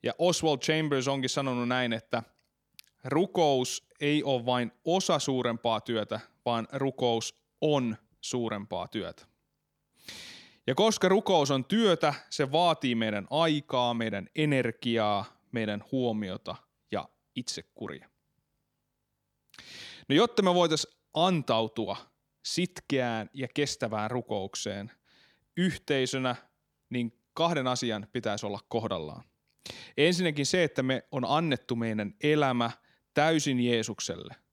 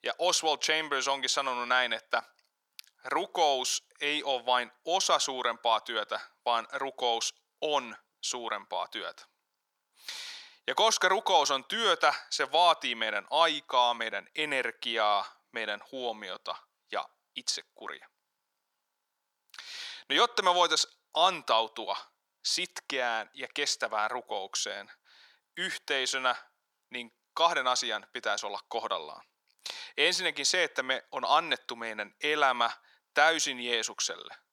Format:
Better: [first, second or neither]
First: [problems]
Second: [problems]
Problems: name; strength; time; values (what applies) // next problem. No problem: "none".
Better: first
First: none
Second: thin; very; fading below 700 Hz